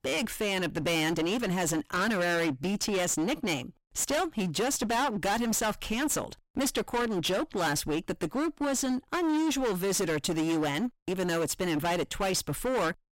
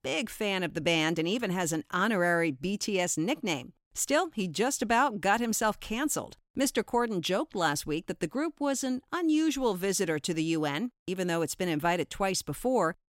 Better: second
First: distortion; heavy; 25% of the sound clipped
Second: none

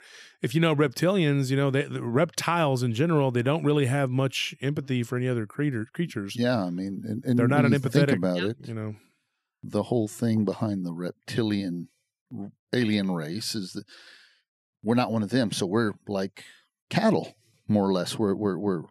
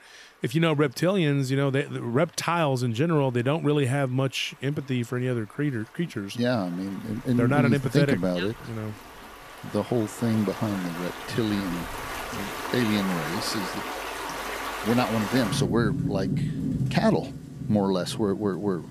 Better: first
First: none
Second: rain or running water; loud; throughout; 7 dB below the speech

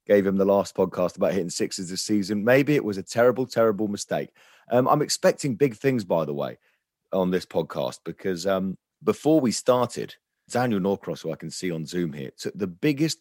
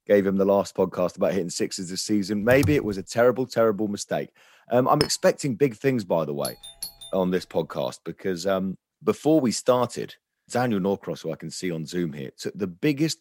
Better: first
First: none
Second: keyboard typing; noticeable; at 2.5 s; peak 5 dB below the speech // clattering dishes; noticeable; at 5 s; peak 5 dB below the speech // doorbell; faint; at 6.5 s; peak 10 dB below the speech

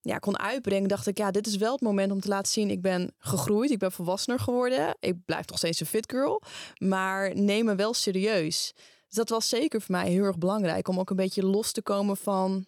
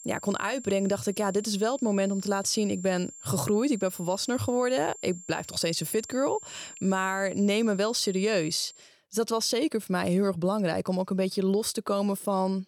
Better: first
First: none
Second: high-pitched whine; noticeable; until 8.5 s; 7.5 kHz, 15 dB below the speech

